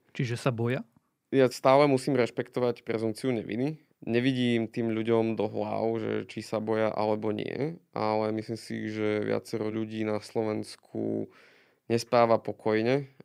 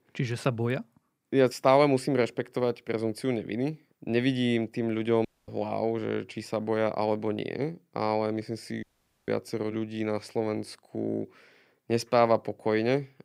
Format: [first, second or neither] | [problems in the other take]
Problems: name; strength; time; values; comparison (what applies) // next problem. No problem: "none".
first | audio cutting out; at 5.5 s and at 9 s